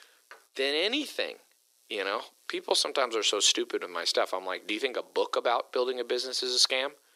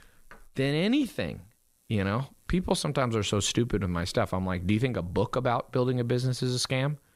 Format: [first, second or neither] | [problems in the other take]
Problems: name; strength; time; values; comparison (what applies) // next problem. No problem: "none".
second | thin; very; fading below 350 Hz